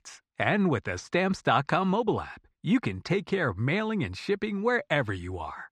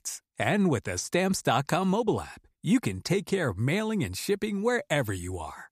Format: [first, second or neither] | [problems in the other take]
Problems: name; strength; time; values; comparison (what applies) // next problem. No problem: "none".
second | muffled; slightly; fading above 3.5 kHz